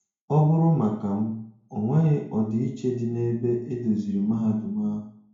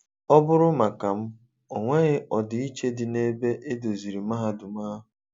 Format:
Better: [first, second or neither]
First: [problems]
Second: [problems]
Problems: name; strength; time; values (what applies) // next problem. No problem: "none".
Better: second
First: room echo; dies away in 0.5 s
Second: none